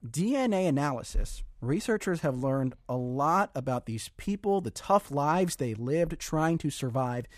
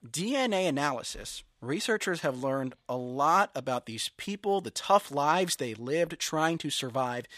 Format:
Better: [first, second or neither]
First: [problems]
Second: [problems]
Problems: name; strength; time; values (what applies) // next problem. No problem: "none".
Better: first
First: none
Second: thin; very slightly; fading below 450 Hz